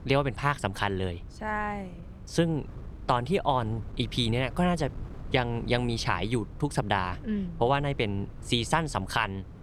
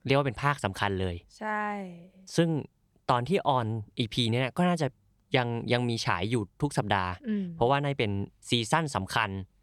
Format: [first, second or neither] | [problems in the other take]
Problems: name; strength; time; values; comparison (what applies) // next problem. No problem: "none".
second | wind noise on the microphone; occasional gusts; 25 dB below the speech